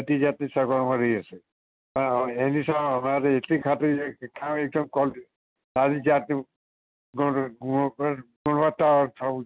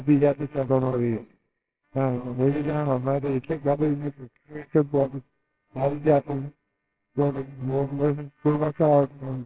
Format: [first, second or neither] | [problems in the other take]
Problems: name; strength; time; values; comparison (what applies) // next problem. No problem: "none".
first | noise reduction (neural separator model SepFormer WHAMR!)